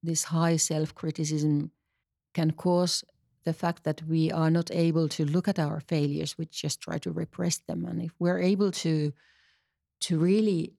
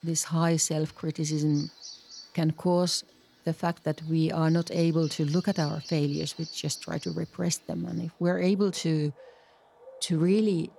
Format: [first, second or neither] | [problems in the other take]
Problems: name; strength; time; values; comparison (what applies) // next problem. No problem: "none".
first | animal sounds; noticeable; throughout; 20 dB below the speech